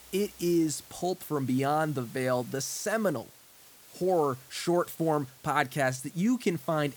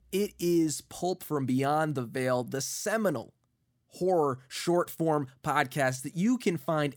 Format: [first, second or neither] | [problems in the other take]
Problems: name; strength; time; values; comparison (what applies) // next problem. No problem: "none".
second | hiss; faint; throughout; 20 dB below the speech